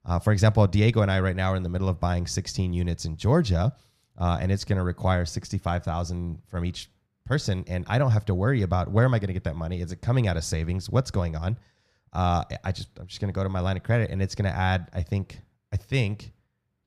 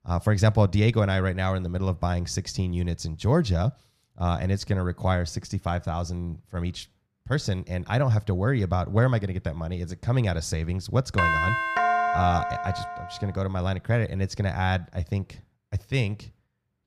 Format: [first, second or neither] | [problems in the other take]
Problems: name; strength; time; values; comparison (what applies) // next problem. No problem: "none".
first | doorbell; loud; from 11 to 13 s; peak 4 dB above the speech